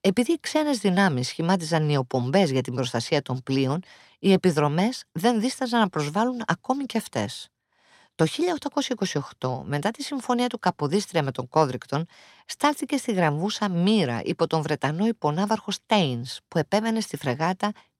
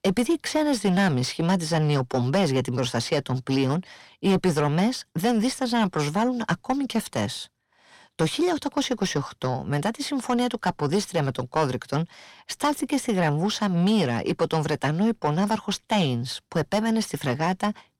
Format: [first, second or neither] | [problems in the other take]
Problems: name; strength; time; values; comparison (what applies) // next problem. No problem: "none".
first | distortion; slight; 10 dB below the speech